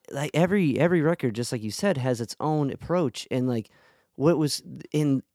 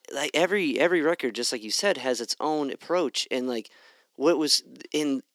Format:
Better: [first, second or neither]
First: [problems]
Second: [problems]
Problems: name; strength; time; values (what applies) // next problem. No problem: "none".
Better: first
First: none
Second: thin; somewhat; fading below 300 Hz